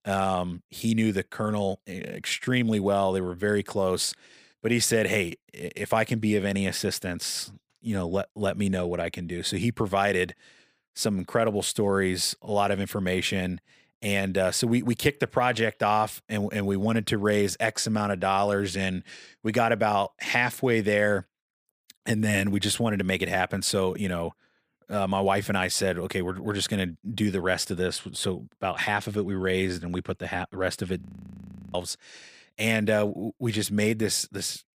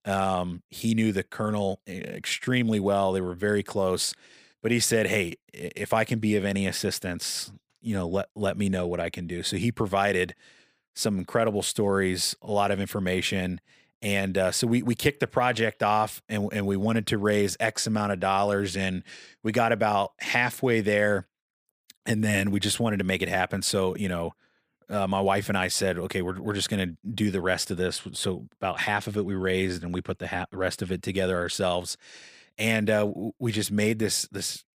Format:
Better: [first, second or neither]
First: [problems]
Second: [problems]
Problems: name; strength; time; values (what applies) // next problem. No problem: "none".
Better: second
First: audio freezing; at 31 s for 0.5 s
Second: none